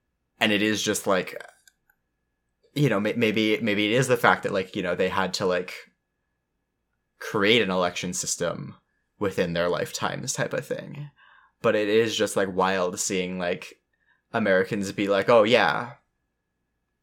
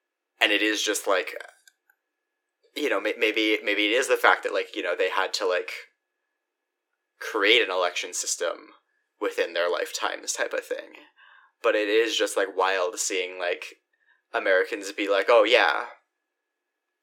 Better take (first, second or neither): first